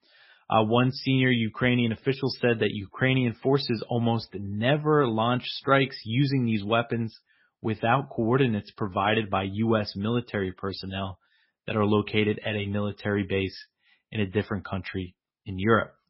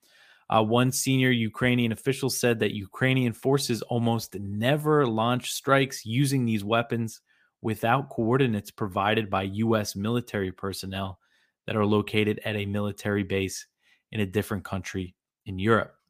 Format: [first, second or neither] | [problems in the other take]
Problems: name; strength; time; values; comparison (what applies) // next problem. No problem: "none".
second | garbled, watery; badly; nothing above 5.5 kHz